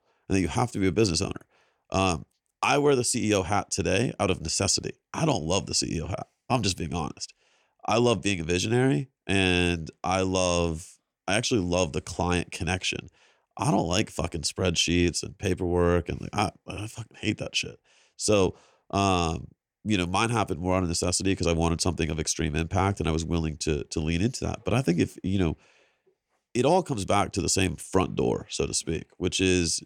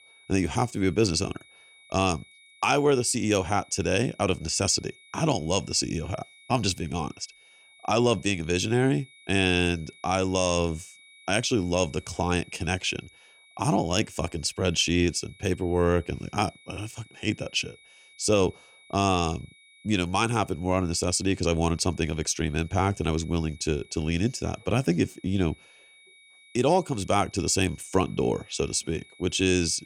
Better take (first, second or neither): first